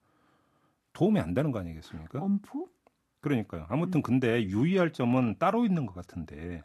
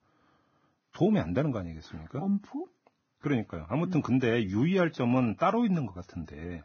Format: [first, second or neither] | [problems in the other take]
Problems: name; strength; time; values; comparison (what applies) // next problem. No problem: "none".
first | garbled, watery; badly; nothing above 6.5 kHz; slightly in the first